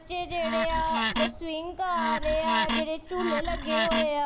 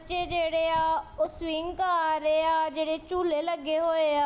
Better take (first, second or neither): second